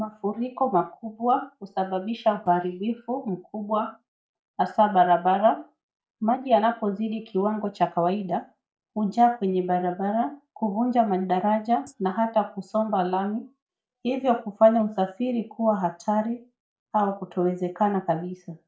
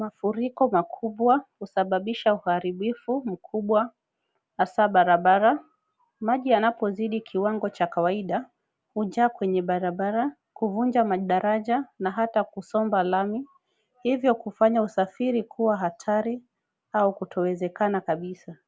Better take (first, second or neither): second